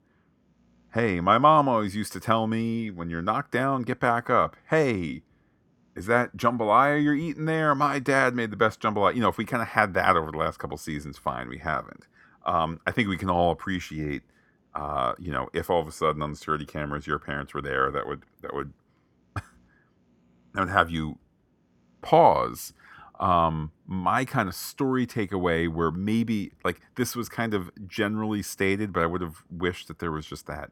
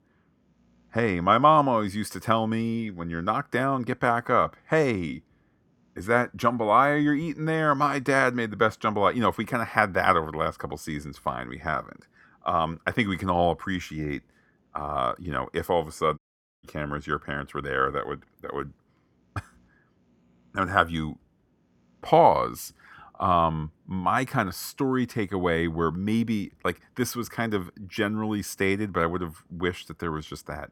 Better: first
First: none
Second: audio cutting out; at 16 s

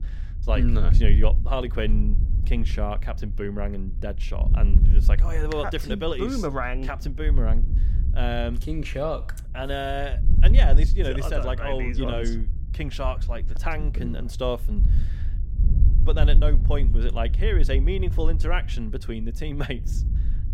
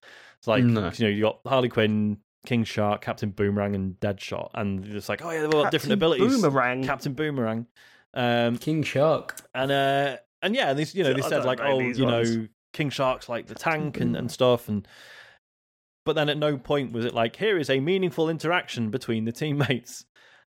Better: second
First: wind noise on the microphone; occasional gusts; 15 dB below the speech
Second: none

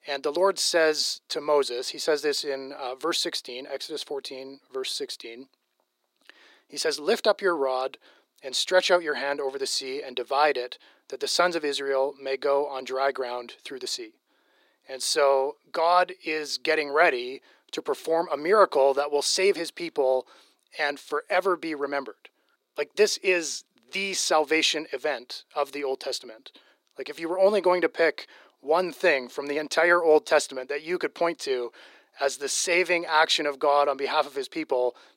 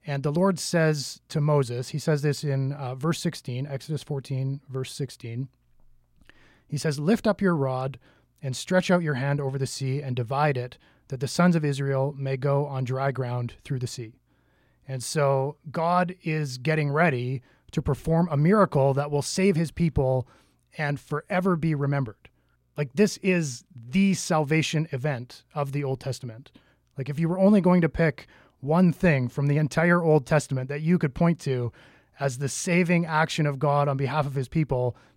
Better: second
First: thin; very; fading below 350 Hz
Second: none

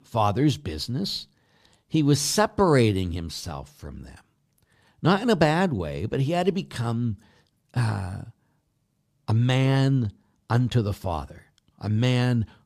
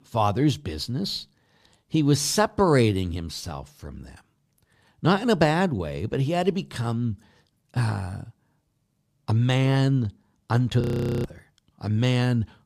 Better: first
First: none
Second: audio freezing; at 11 s

